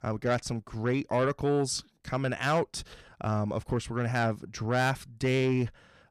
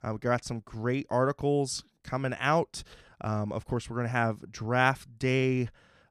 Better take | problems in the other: second | distortion; slight; 10 dB below the speech

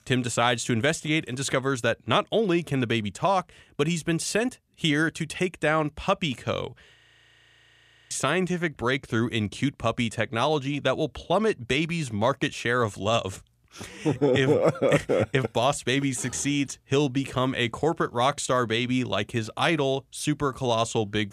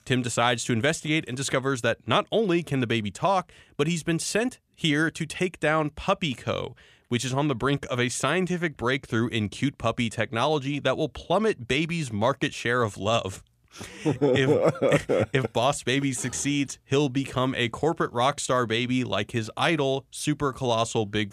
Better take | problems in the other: second | audio freezing; at 7 s for 1 s

